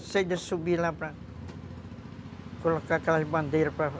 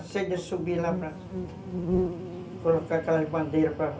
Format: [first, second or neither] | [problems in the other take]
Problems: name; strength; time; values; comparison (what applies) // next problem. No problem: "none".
first | background sound (Insect); 4 dB below the speech // room echo; dies away in 0.3 s